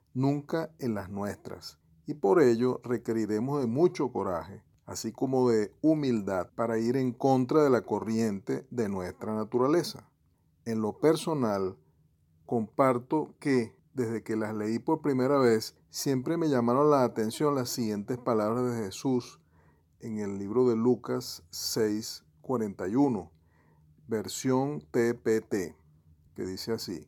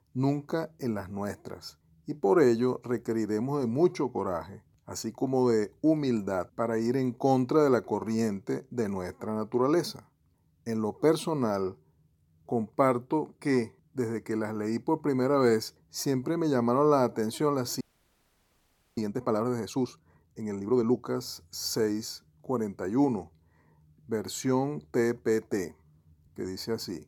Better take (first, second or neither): first